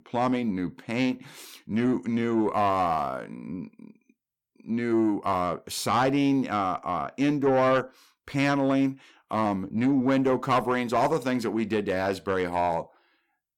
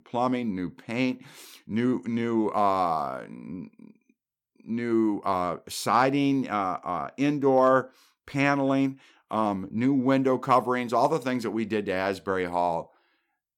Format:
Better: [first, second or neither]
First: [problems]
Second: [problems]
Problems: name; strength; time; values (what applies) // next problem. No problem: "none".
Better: second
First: distortion; slight; 10 dB below the speech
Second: none